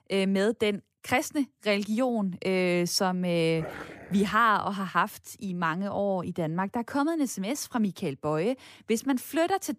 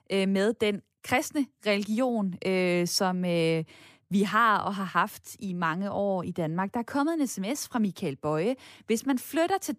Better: second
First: dog barking; faint; at 3.5 s; peak 10 dB below the speech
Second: none

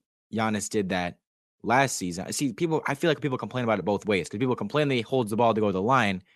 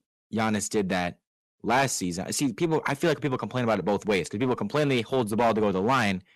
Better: first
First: none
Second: distortion; slight; 5% of the sound clipped

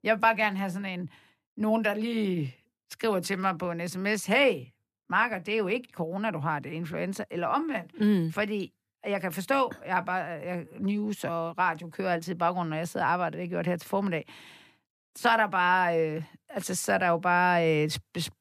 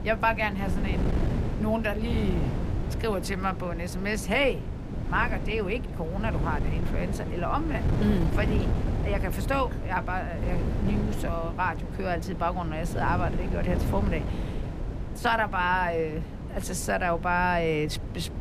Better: first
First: none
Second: wind noise on the microphone; occasional gusts; 10 dB below the speech

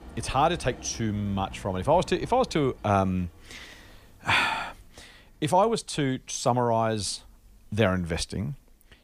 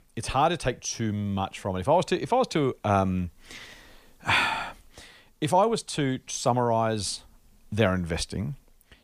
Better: second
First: traffic noise; faint; throughout; 20 dB below the speech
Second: none

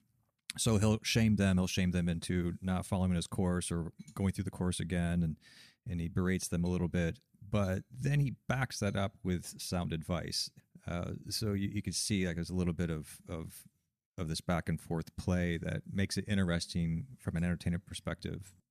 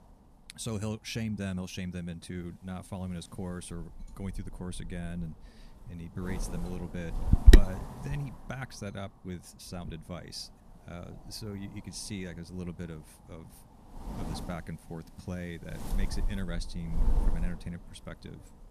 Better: first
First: none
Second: wind noise on the microphone; heavy; 4 dB above the speech

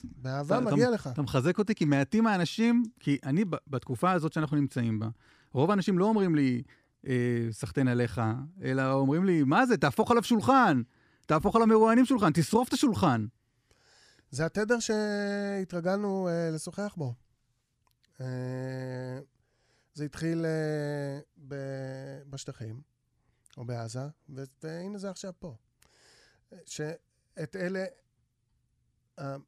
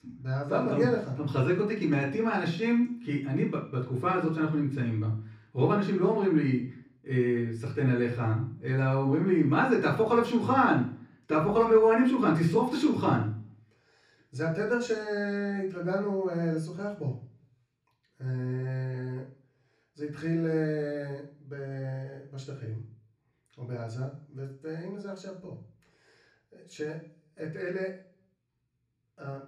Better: first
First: none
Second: room echo; slight; dies away in 0.5 s // off-mic speech; far

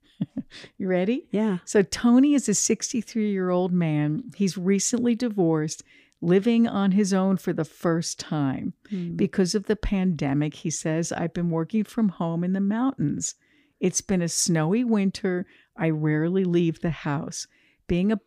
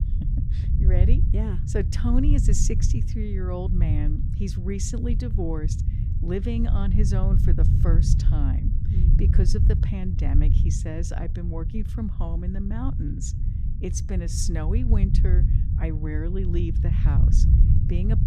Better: first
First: none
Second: low rumble; loud; throughout; 4 dB below the speech

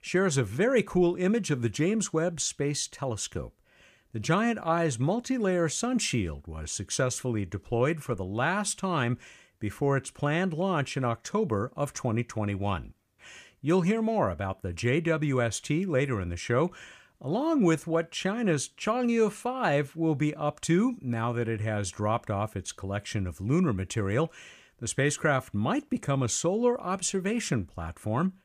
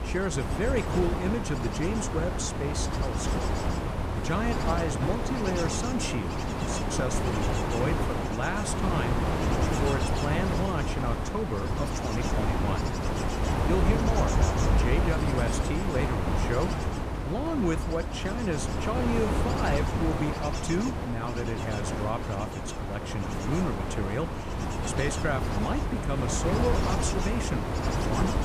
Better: first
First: none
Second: wind noise on the microphone; heavy; 1 dB above the speech

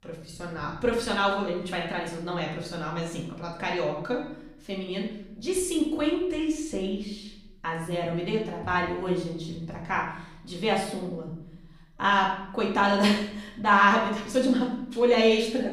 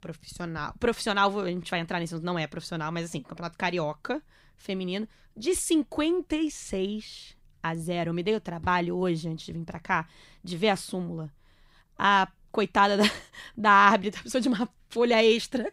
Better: second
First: room echo; noticeable; dies away in 0.7 s // off-mic speech; far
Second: none

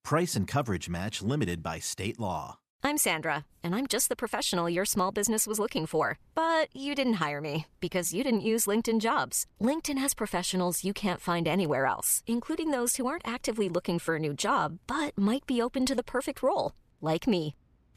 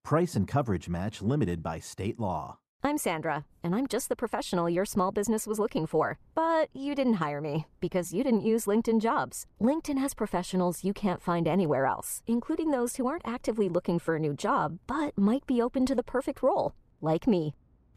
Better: first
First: none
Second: muffled; slightly; fading above 1.5 kHz

